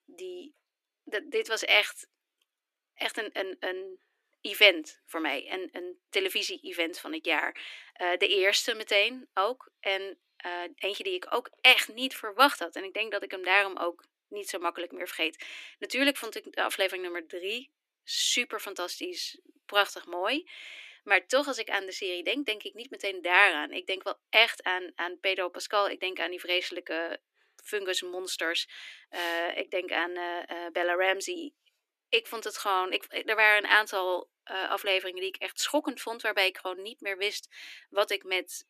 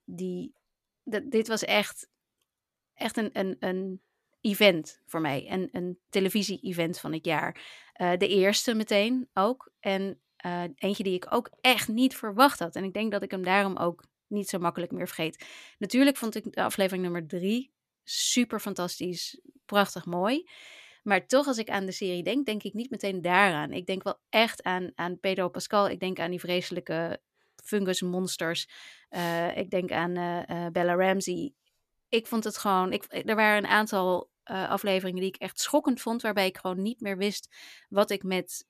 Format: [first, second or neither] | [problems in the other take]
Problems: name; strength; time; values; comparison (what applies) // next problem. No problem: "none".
second | thin; somewhat; fading below 300 Hz